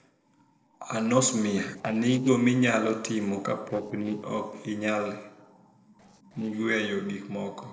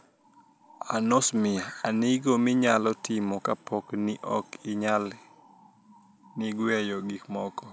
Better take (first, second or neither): second